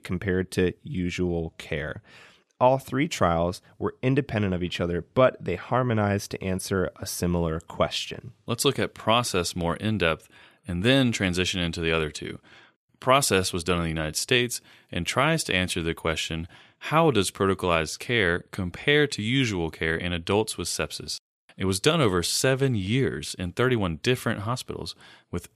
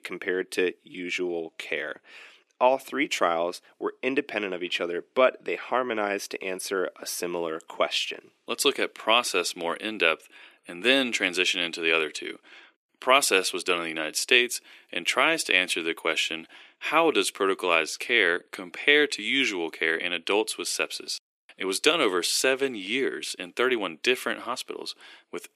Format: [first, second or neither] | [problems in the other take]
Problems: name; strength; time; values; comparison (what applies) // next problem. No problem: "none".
first | thin; somewhat; fading below 300 Hz